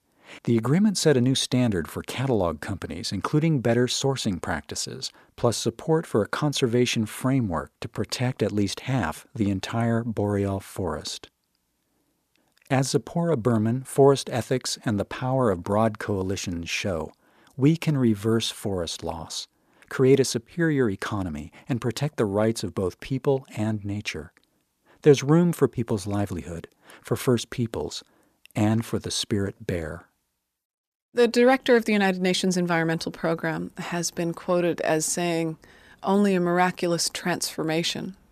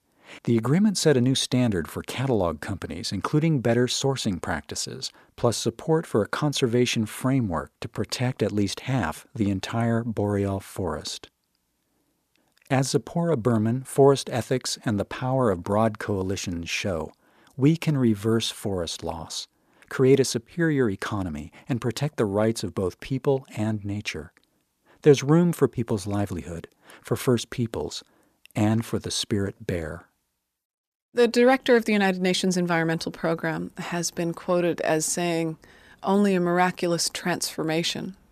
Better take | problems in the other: neither | none

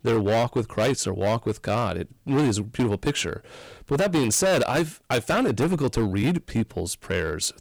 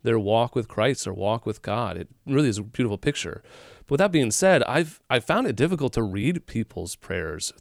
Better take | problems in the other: second | distortion; heavy; 13% of the sound clipped

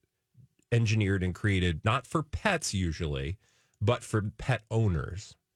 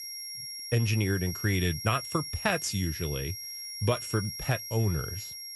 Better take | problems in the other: first | high-pitched whine; loud; throughout; 5.5 kHz, 6 dB below the speech

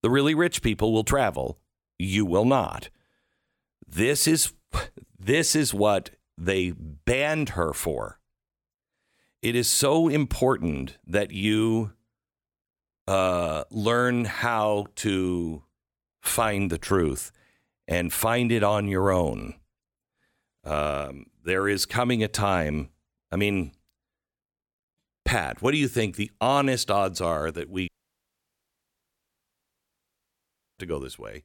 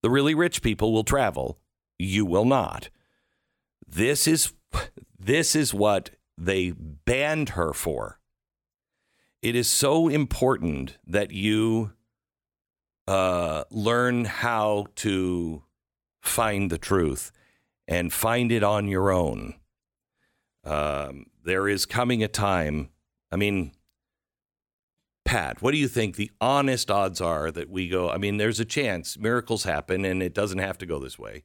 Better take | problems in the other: second | audio cutting out; at 28 s for 3 s

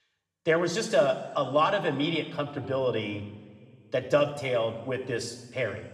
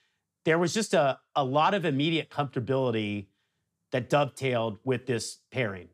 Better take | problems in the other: second | room echo; slight; dies away in 1.9 s

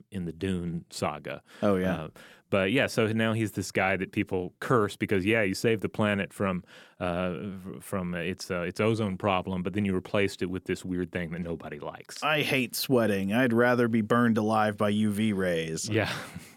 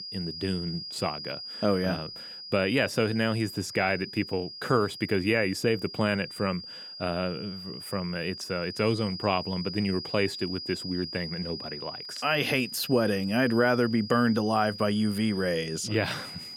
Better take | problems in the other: first | high-pitched whine; loud; throughout; 5 kHz, 10 dB below the speech

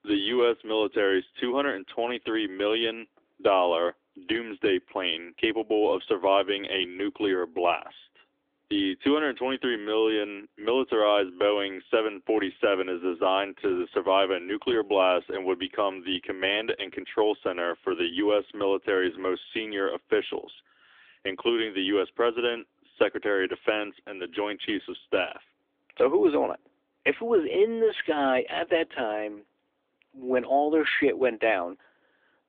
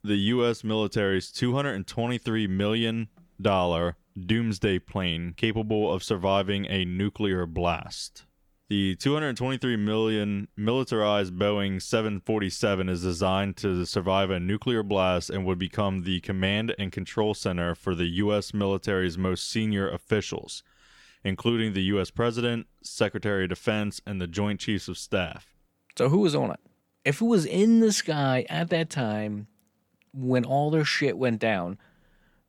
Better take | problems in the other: second | phone-call audio; nothing above 3.5 kHz

